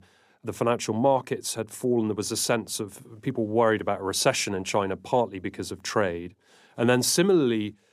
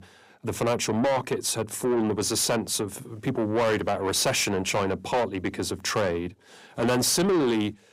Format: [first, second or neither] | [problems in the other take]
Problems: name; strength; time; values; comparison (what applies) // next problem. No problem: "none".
first | distortion; heavy; 6 dB below the speech